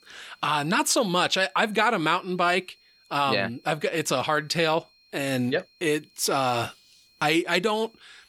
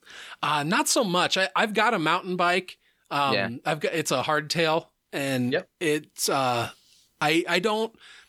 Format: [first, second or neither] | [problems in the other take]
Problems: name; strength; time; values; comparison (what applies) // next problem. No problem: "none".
second | high-pitched whine; faint; throughout; 4 kHz, 35 dB below the speech